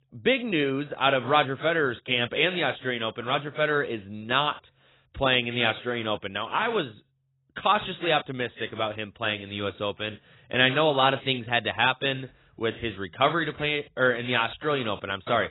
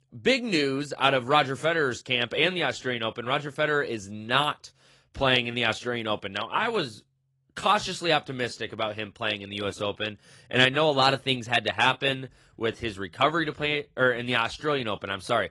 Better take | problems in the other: second | garbled, watery; badly; nothing above 4 kHz; slightly in the second

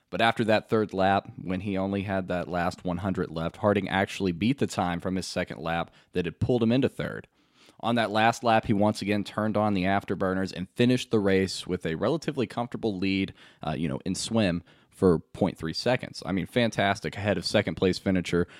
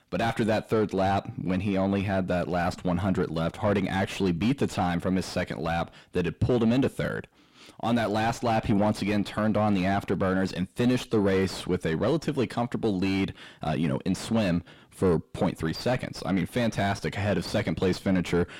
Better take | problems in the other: first | distortion; heavy; 6 dB below the speech

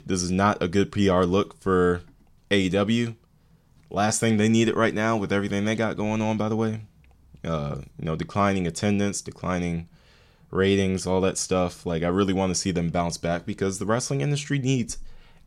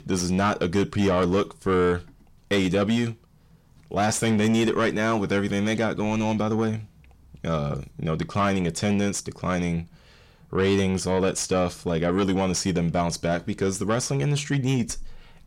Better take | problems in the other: first | distortion; slight; 10 dB below the speech

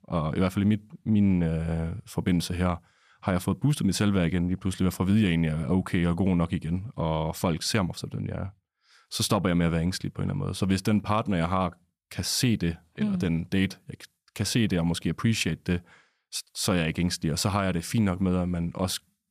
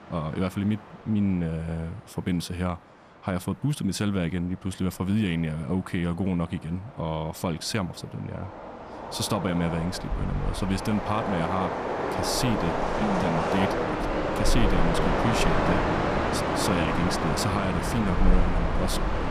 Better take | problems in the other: first | train or aircraft noise; very loud; throughout; 1 dB above the speech

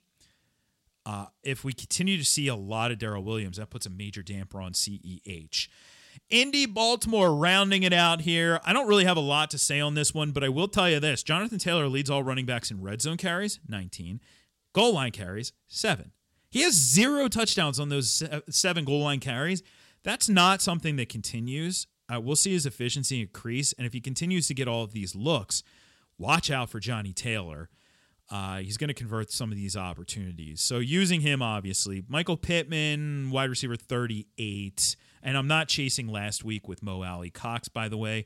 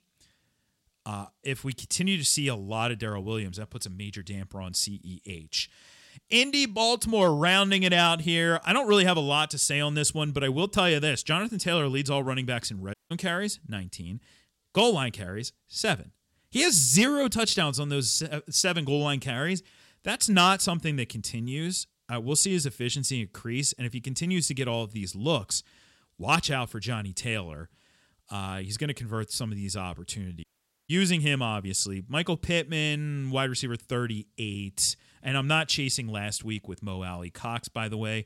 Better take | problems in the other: first | audio cutting out; at 13 s and at 30 s

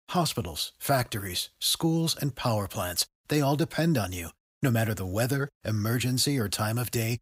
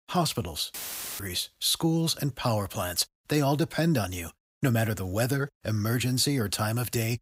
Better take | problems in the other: first | audio cutting out; filled with static; at 0.5 s

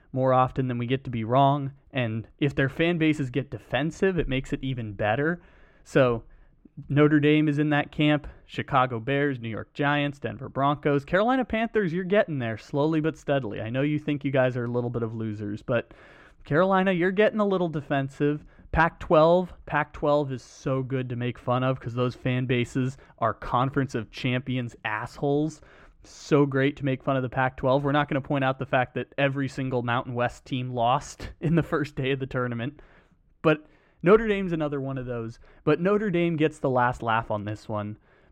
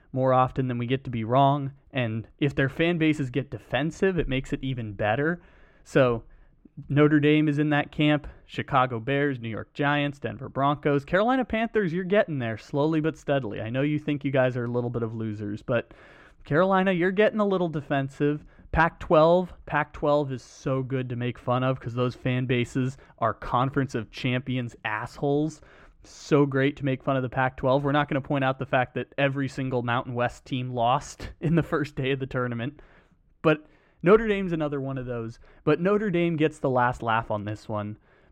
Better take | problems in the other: neither | muffled; slightly; fading above 3.5 kHz; the same in both

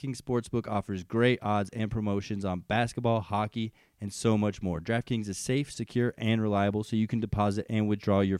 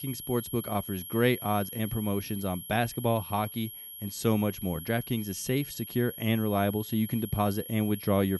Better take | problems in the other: first | high-pitched whine; loud; throughout; 11.5 kHz, 10 dB below the speech

